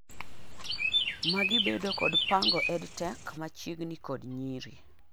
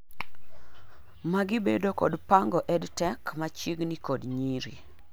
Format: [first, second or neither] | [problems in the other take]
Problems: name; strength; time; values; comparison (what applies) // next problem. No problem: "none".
second | background sound (Chirp, tweet); 3 dB above the speech